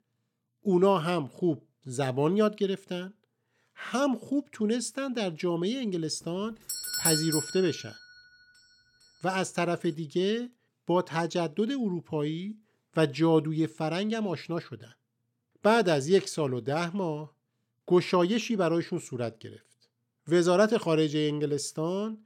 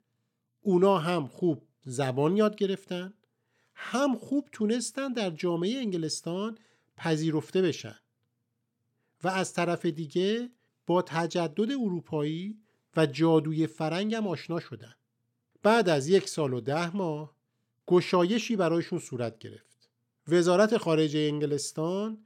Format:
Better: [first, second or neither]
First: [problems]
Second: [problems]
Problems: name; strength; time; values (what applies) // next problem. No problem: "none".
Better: second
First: doorbell; loud; at 6.5 s; peak 3 dB above the speech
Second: none